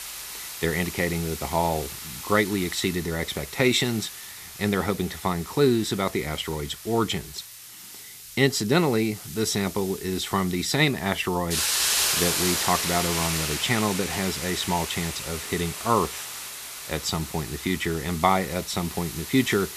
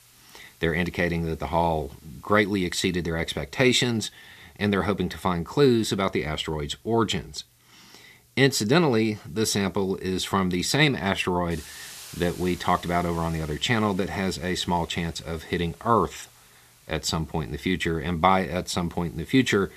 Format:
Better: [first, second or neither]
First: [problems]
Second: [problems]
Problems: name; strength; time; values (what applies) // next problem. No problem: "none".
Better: second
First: hiss; loud; throughout; 5 dB below the speech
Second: hiss; faint; throughout; 25 dB below the speech